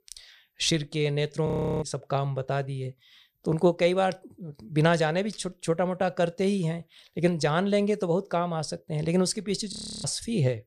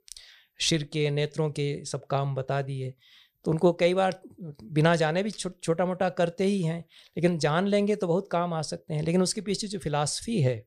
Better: second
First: audio freezing; at 1.5 s and at 9.5 s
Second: none

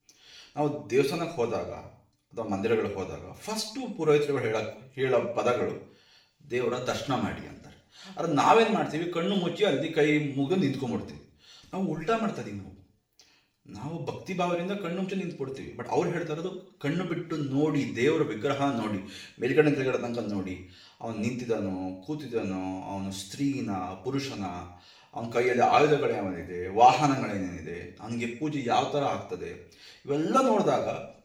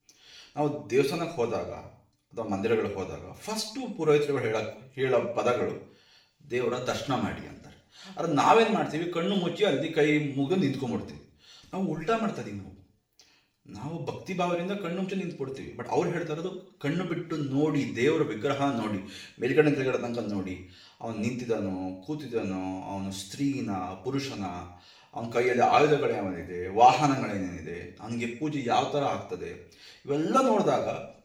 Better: neither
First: room echo; noticeable; dies away in 0.5 s // off-mic speech; far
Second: room echo; noticeable; dies away in 0.5 s // off-mic speech; far

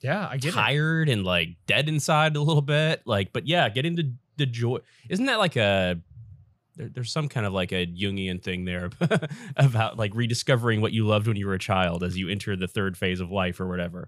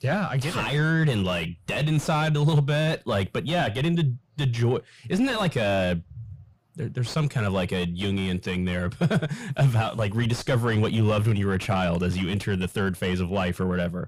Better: first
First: none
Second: distortion; heavy; 6 dB below the speech

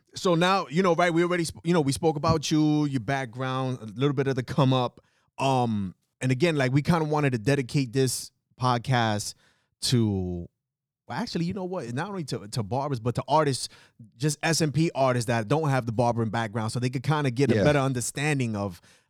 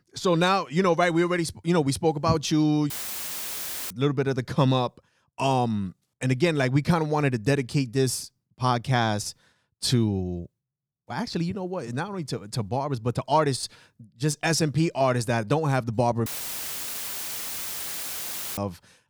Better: first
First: none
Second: audio cutting out; filled with static; at 3 s for 1 s and at 16 s for 2.5 s

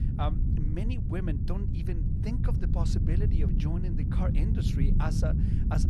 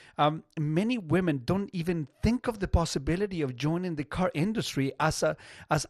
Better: second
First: wind noise on the microphone; heavy; 1 dB below the speech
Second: none

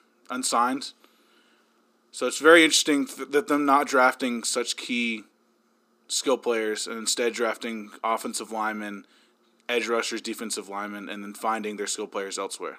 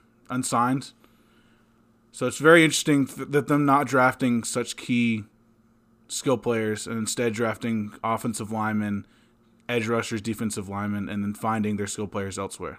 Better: second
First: thin; very slightly; fading below 300 Hz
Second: none

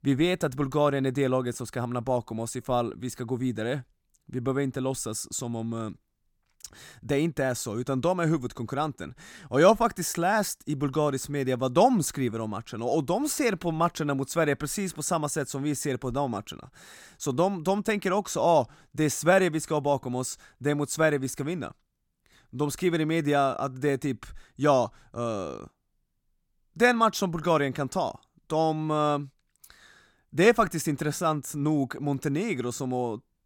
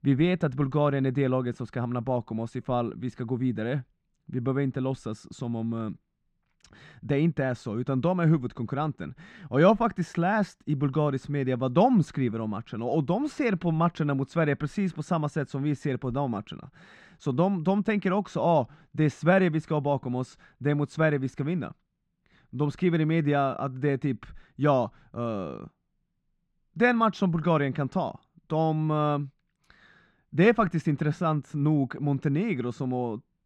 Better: first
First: none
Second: muffled; slightly; fading above 2.5 kHz

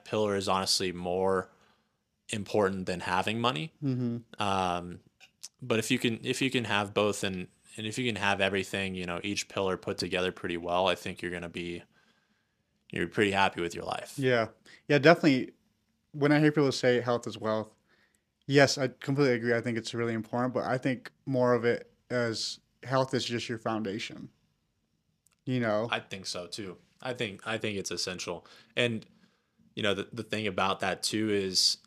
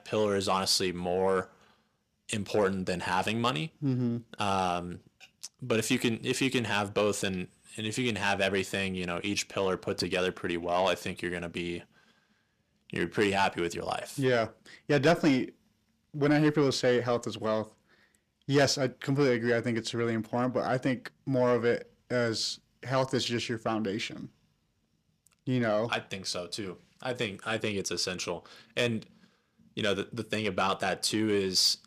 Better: first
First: none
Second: distortion; slight; 10 dB below the speech

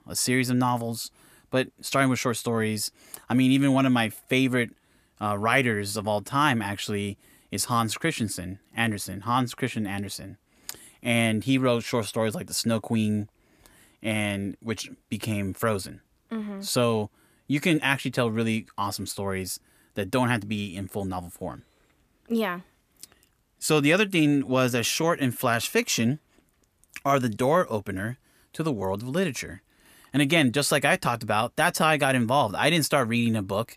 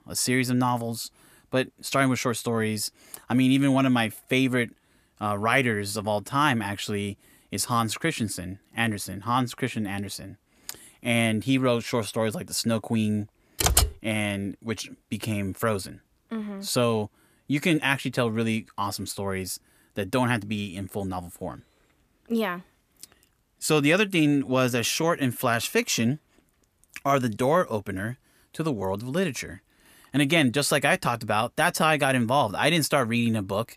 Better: first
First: none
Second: keyboard typing; loud; at 14 s; peak 4 dB above the speech

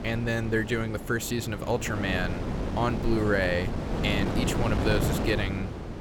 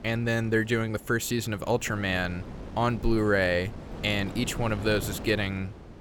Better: second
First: wind noise on the microphone; heavy; 6 dB below the speech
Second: wind noise on the microphone; occasional gusts; 15 dB below the speech

